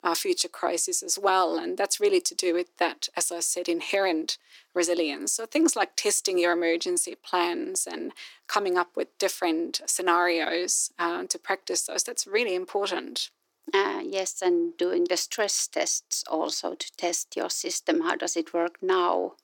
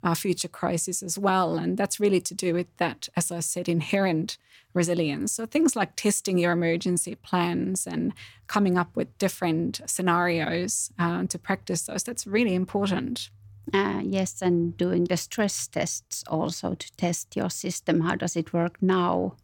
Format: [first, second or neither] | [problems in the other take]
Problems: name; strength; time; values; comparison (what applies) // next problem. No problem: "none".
second | thin; very; fading below 300 Hz